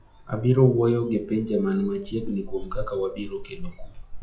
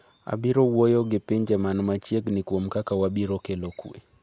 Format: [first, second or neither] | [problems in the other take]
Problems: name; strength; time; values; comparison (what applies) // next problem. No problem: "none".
second | noise reduction (classical method WPE with log-MMSE)